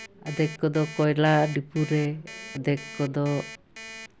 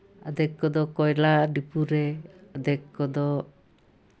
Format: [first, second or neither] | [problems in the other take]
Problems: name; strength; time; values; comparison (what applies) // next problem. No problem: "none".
second | background sound (Alarm); 16 dB below the speech